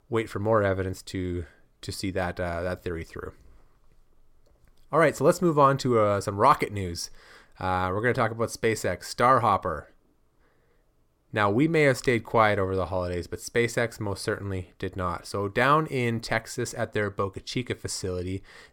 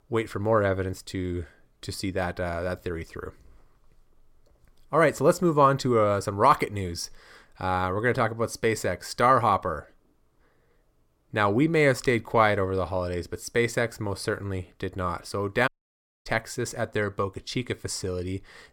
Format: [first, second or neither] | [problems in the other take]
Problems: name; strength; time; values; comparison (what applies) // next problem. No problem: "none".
first | audio cutting out; at 16 s for 0.5 s